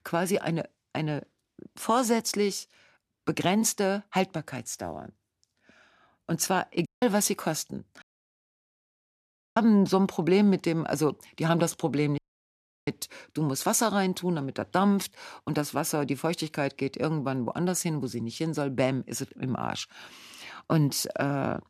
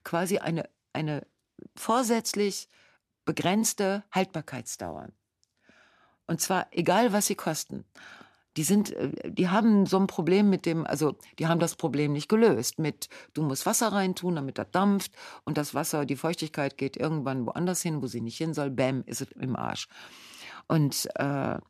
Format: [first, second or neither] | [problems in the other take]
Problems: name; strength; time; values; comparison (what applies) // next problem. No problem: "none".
second | audio cutting out; at 7 s, at 8 s for 1.5 s and at 12 s for 0.5 s